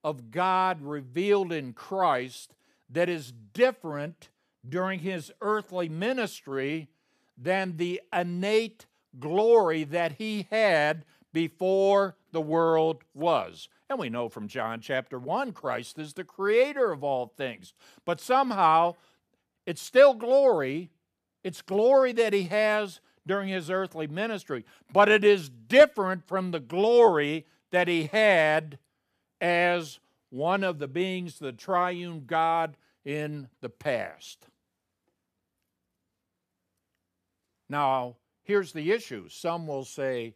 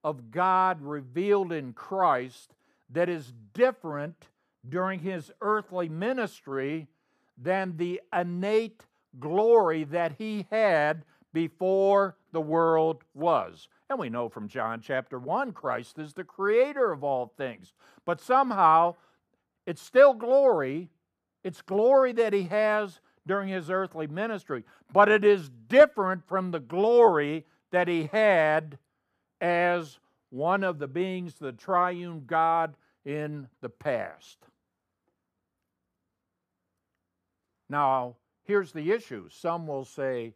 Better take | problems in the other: first | muffled; slightly; fading above 1.5 kHz

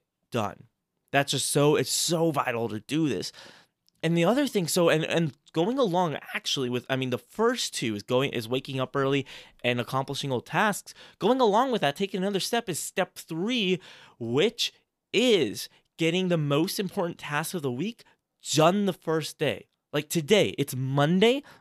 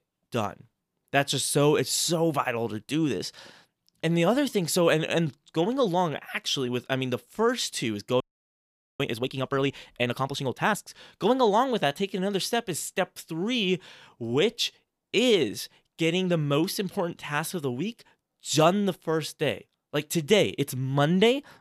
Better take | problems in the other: first | audio freezing; at 8 s for 1 s

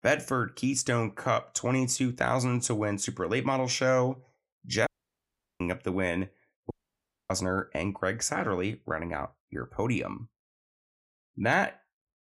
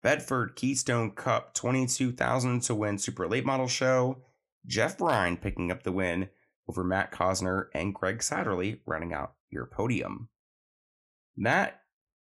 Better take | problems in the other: second | audio cutting out; at 5 s for 0.5 s and at 6.5 s for 0.5 s

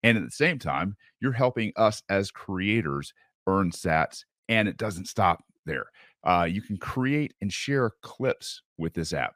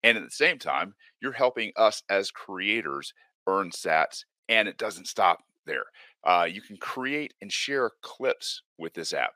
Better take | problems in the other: first | thin; somewhat; fading below 450 Hz

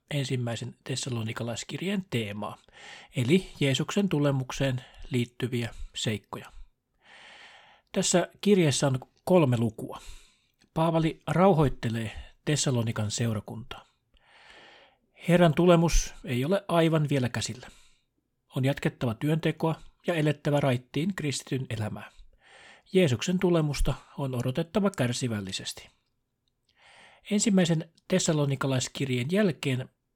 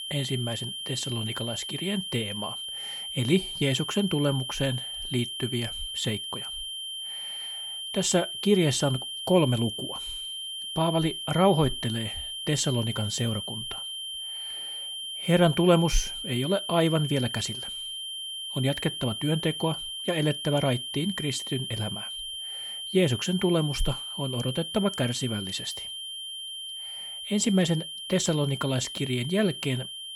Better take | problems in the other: first | high-pitched whine; loud; throughout; 3 kHz, 6 dB below the speech

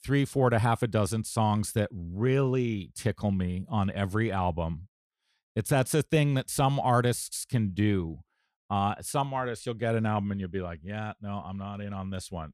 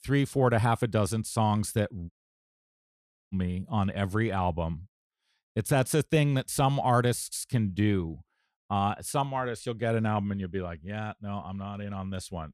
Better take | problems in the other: first | audio cutting out; at 2 s for 1 s

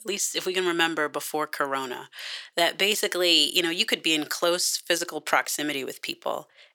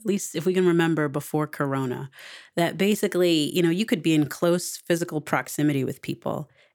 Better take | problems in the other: second | thin; very; fading below 550 Hz

